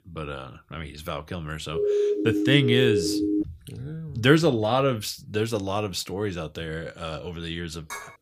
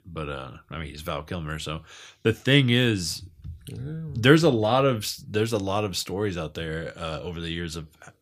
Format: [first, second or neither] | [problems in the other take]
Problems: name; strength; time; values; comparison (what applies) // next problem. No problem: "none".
second | siren; loud; from 1.5 to 3.5 s; peak 3 dB above the speech // clattering dishes; very faint; at 8 s; peak 10 dB below the speech